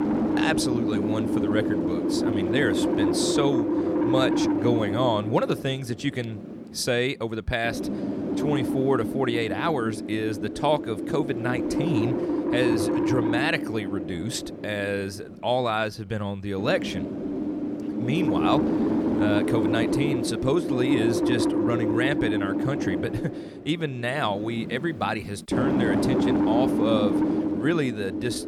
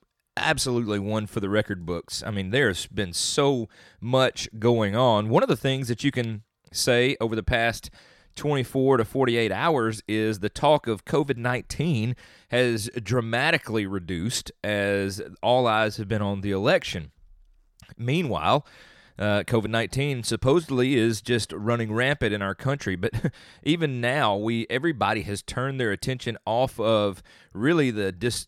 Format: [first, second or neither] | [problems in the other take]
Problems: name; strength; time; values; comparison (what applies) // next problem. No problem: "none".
second | wind noise on the microphone; heavy; 1 dB below the speech